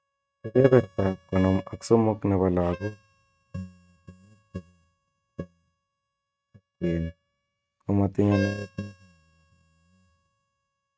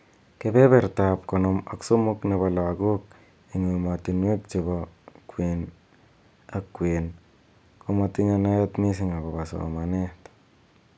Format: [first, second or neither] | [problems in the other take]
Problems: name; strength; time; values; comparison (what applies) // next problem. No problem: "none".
second | noise reduction (neural mask model RNNoise)